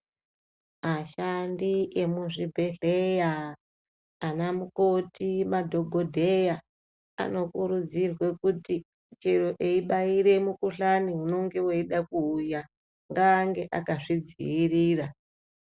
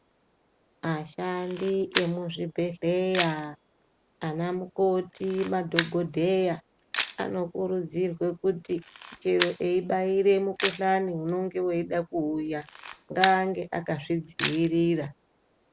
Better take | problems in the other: first | background sound (Camera); 11 dB below the speech

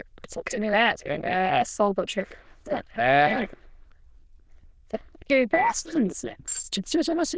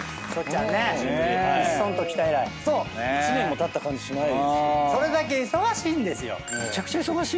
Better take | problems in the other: second | noise reduction (neural diffusion model UNIVERSE++)

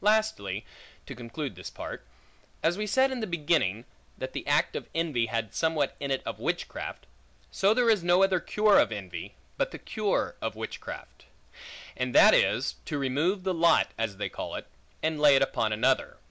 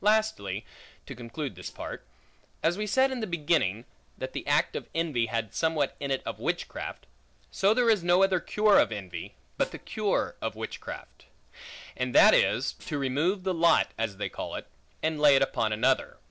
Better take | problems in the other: first | noise reduction (neural separator model SepFormer DNS4)

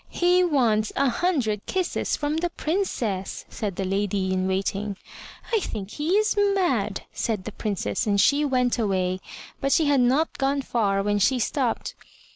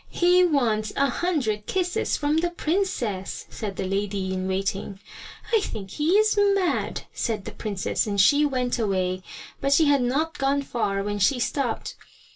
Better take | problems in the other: first | room echo; dies away in 0.1 s

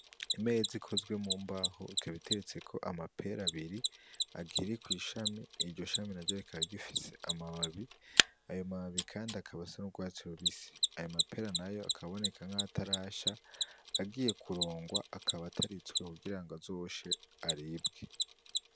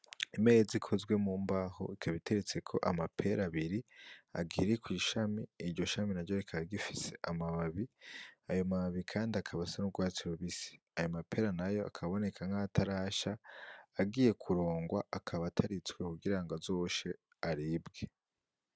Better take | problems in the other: second | background sound (Mechanisms); 2 dB above the speech

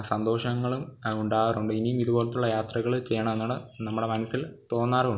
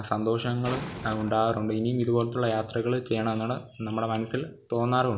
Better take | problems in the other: first | background sound (Explosion); 14 dB below the speech

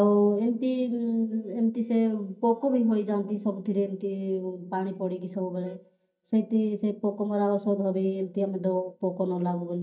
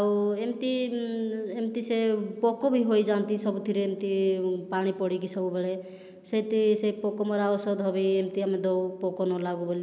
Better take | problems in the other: second | noise reduction (neural mask model DeepFilterNet 3)

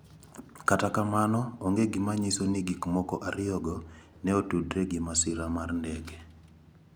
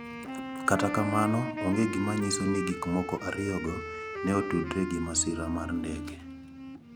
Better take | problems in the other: first | background sound (Wind instrument, woodwind instrument); 6 dB below the speech

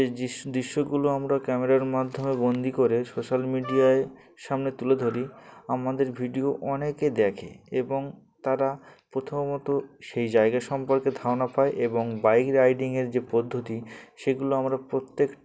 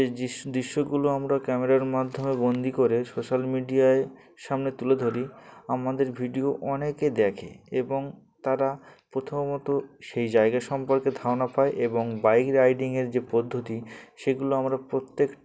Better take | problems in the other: second | background sound (Wind instrument, woodwind instrument); 13 dB below the speech

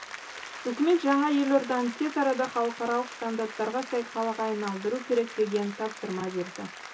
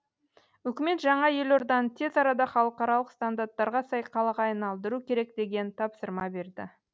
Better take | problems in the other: second | background sound (Applause); 14 dB below the speech // room echo; dies away in 0.2 s

